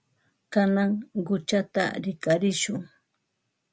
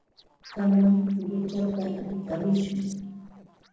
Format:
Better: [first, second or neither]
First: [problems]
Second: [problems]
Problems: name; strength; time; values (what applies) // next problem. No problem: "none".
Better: first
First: none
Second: noise reduction (neural separator model SepFormer DNS4)